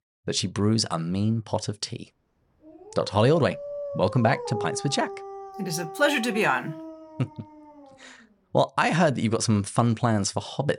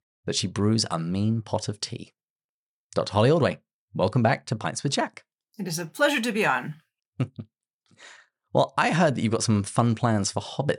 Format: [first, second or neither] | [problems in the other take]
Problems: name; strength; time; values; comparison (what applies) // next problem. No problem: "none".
second | dog barking; noticeable; from 2.5 to 8 s; peak 7 dB below the speech